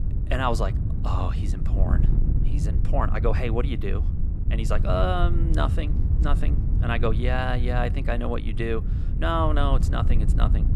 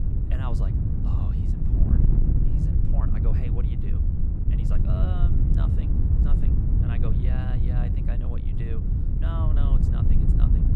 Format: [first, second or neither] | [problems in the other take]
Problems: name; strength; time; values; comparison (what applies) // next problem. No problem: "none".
first | wind noise on the microphone; heavy; 4 dB above the speech; occasional gusts in the first